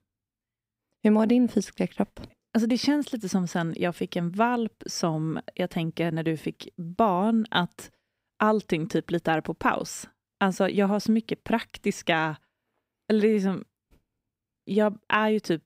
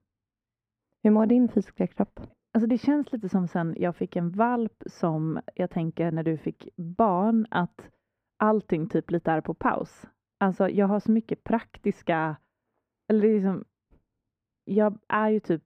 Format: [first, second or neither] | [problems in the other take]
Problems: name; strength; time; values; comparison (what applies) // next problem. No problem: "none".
first | muffled; very; fading above 2.5 kHz